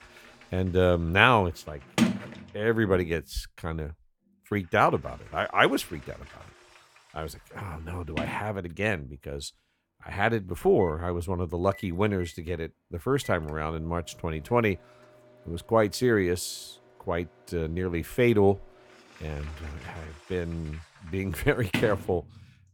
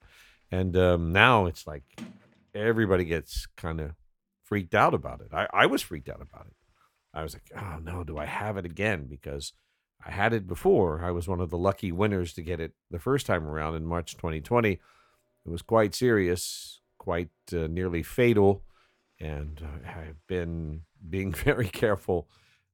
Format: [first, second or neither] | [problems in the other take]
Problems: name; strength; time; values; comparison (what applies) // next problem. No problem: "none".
second | household noises; loud; throughout; 9 dB below the speech; faint in the second